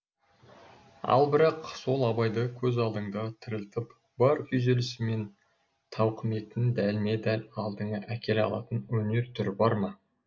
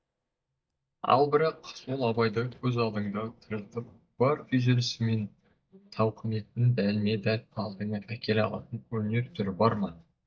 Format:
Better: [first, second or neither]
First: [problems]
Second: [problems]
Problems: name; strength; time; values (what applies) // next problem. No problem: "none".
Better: first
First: none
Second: noise reduction (neural mask model DeepFilterNet 3)